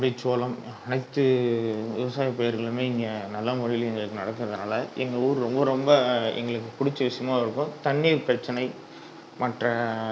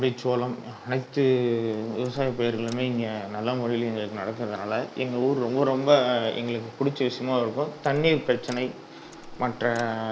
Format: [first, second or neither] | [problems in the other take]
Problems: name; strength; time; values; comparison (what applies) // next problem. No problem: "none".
first | background sound (Door); 19 dB below the speech